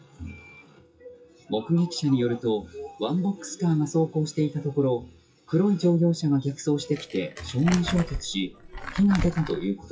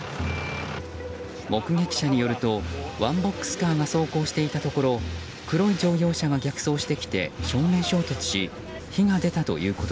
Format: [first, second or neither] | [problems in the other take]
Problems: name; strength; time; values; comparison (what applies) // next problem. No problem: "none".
second | noise reduction (classical method WPE with log-MMSE)